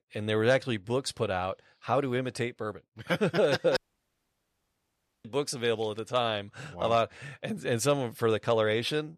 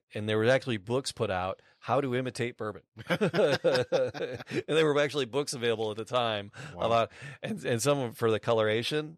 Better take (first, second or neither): second